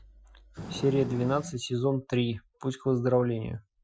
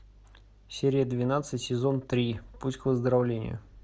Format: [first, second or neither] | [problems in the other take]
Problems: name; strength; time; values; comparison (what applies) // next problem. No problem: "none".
second | noise reduction (classical method Wiener filter)